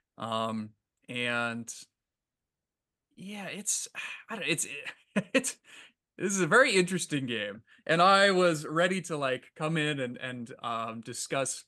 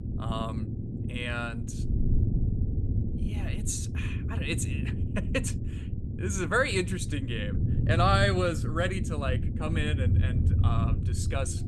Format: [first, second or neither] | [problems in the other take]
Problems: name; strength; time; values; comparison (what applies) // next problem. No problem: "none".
first | low rumble; noticeable; throughout; 10 dB below the speech